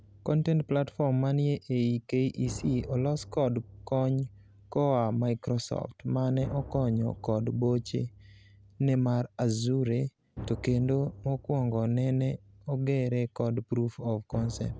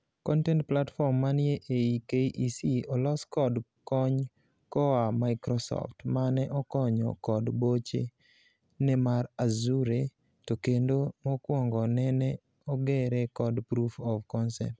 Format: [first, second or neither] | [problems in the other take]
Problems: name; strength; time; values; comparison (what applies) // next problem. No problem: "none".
second | background sound (Drum); 18 dB below the speech